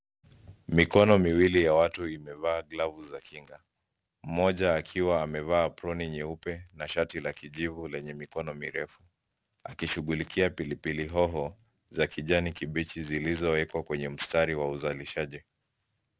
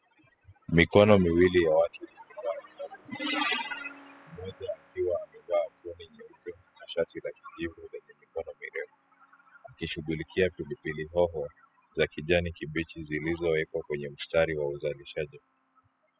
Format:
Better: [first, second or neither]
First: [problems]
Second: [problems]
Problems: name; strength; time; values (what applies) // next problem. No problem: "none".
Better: first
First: none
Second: noise reduction (classical method spectral subtraction)